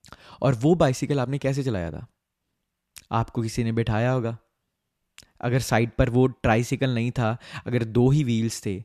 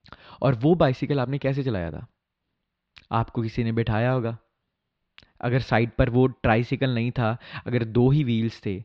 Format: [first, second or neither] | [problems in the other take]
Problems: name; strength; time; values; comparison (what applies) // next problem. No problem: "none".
first | muffled; slightly; fading above 4.5 kHz